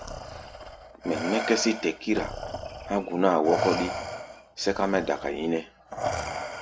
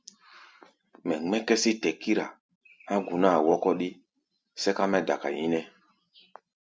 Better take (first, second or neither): second